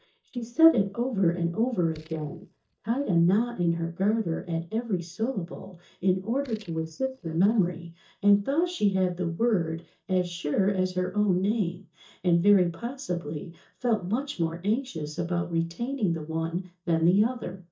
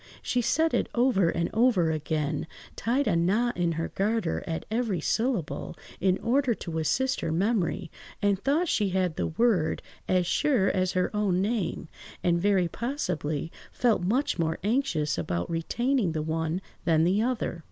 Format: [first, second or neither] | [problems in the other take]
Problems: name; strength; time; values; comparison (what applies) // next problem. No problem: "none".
second | noise reduction (neural mask model DeepFilterNet 3)